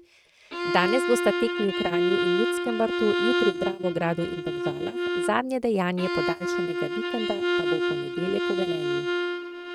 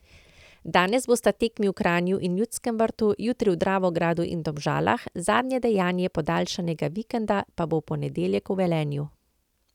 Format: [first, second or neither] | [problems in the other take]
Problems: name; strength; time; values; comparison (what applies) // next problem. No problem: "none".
second | noise reduction (neural mask model RNNoise)